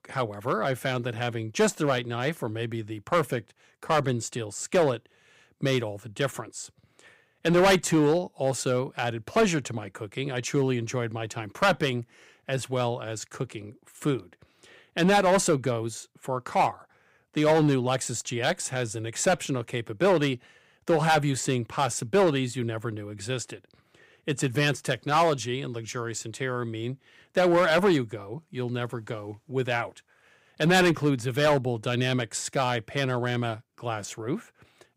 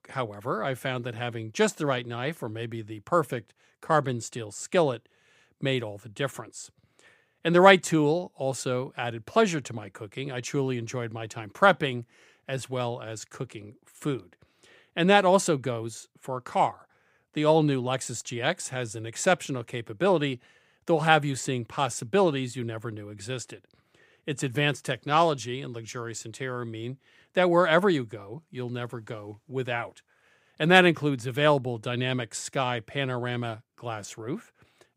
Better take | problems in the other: second | distortion; heavy; 3% of the sound clipped

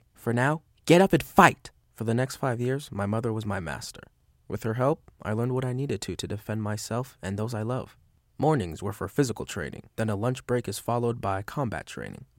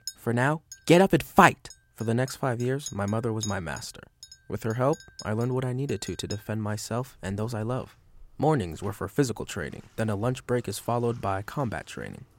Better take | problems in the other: first | household noises; noticeable; throughout; 20 dB below the speech

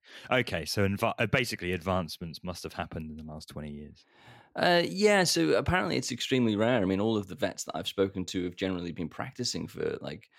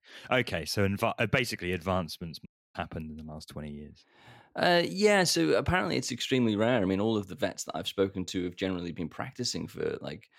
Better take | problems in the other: first | audio cutting out; at 2.5 s

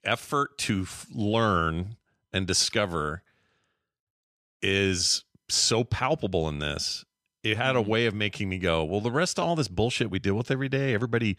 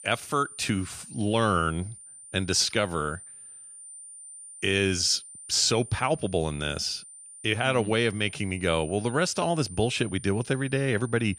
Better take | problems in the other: first | high-pitched whine; noticeable; throughout; 9 kHz, 15 dB below the speech

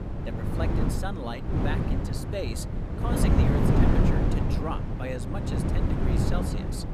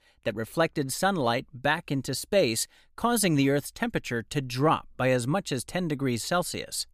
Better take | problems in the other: second | wind noise on the microphone; heavy; 3 dB above the speech

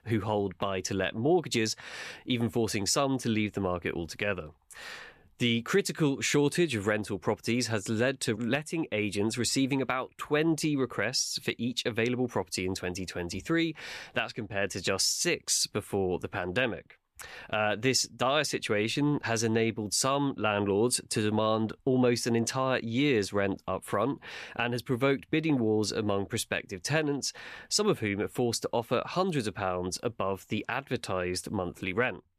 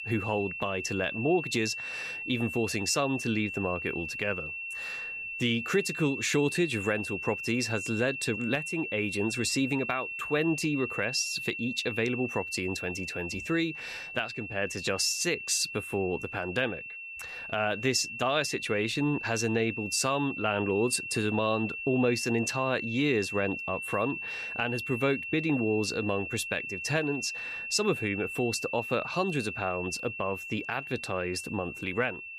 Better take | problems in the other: first | high-pitched whine; loud; throughout; 2.5 kHz, 6 dB below the speech

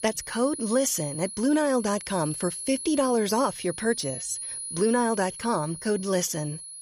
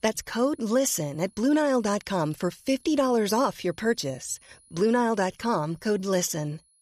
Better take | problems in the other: second | high-pitched whine; loud; throughout; 10.5 kHz, 8 dB below the speech; faint in the second

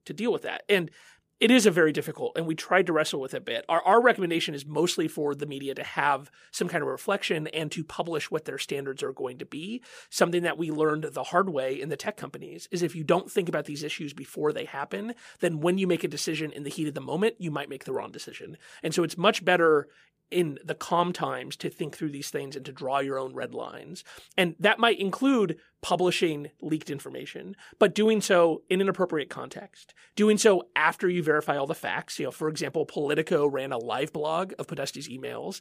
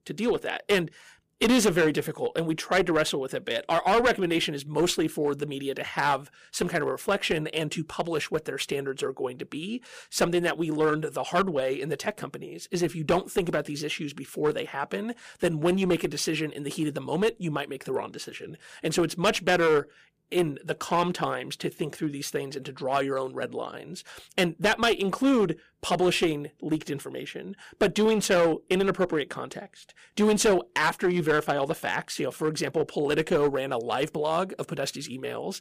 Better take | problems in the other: first | distortion; slight; 5% of the sound clipped

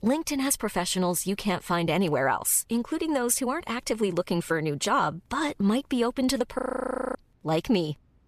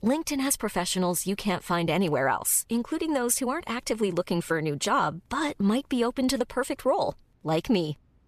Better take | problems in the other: second | audio freezing; at 6.5 s for 0.5 s

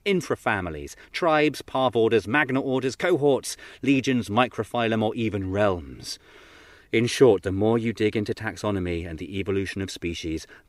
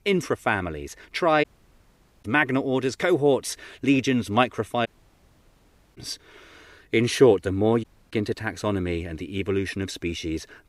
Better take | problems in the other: first | audio cutting out; at 1.5 s for 1 s, at 5 s for 1 s and at 8 s

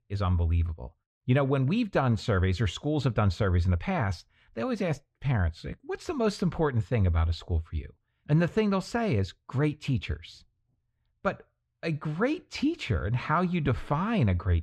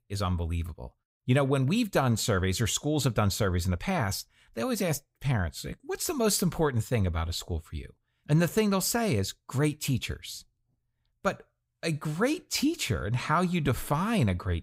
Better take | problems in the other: second | muffled; slightly; fading above 3 kHz

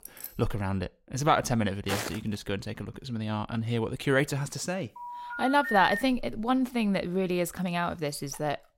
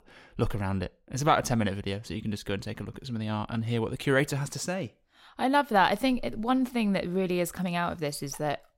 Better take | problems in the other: second | jangling keys; faint; at the start; peak 15 dB below the speech // footsteps; noticeable; at 2 s; peak 4 dB below the speech // phone ringing; noticeable; from 5 to 6 s; peak 1 dB below the speech

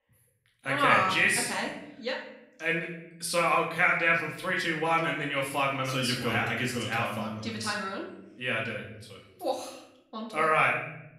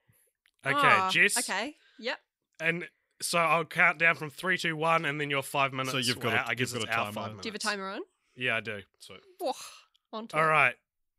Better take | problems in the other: second | room echo; noticeable; dies away in 0.9 s // off-mic speech; far

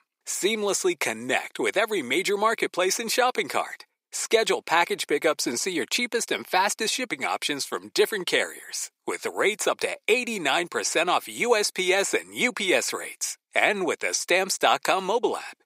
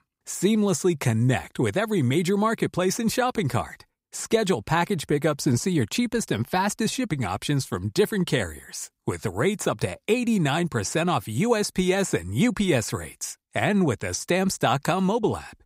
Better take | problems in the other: second | thin; very; fading below 400 Hz

